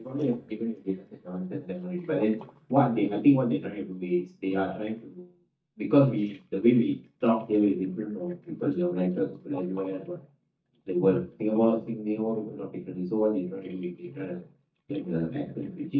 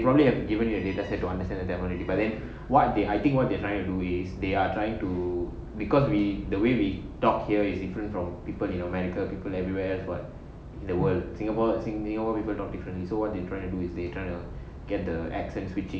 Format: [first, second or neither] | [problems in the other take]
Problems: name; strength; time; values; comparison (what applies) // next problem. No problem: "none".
second | noise reduction (neural mask model DeepFilterNet 3)